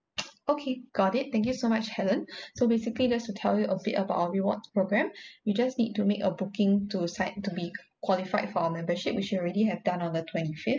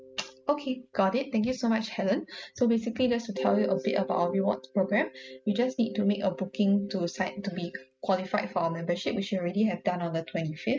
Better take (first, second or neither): first